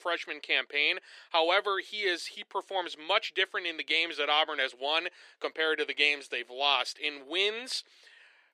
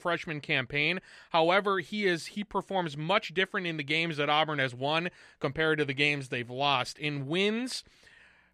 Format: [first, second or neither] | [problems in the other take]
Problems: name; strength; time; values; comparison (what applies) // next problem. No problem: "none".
second | thin; very; fading below 350 Hz